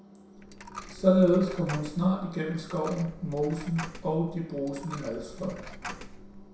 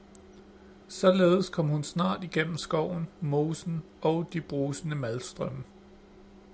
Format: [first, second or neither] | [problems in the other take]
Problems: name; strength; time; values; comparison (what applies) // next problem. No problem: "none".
second | background sound (Coin (dropping)); 14 dB below the speech // room echo; dies away in 0.7 s